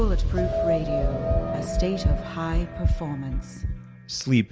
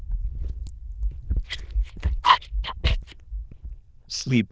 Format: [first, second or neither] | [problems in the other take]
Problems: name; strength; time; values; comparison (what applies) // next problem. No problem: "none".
first | noise reduction (neural diffusion model UNIVERSE++)